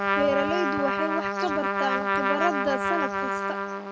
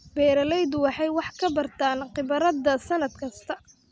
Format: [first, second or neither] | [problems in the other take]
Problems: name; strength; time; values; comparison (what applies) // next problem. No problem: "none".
second | background sound (Trumpet); 2 dB above the speech